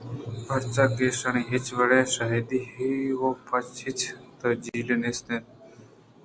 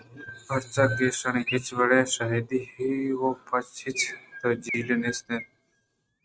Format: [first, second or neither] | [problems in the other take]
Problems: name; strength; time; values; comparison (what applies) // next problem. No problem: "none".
first | noise reduction (neural mask model RNNoise)